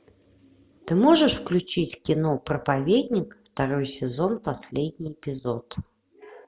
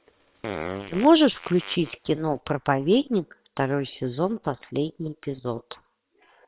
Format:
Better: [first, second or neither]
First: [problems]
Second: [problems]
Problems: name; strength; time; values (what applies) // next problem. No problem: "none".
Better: first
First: none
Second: noise reduction (neural separator model SepFormer WHAM!)